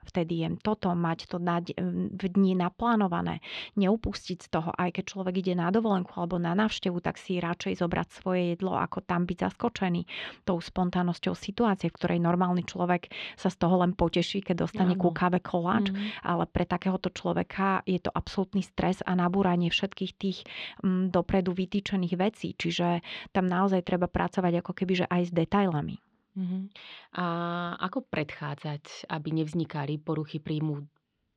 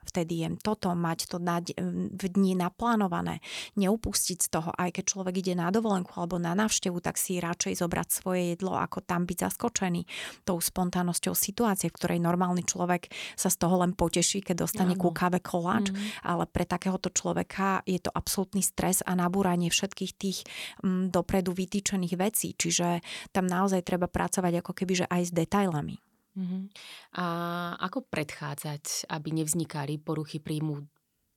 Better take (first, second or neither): second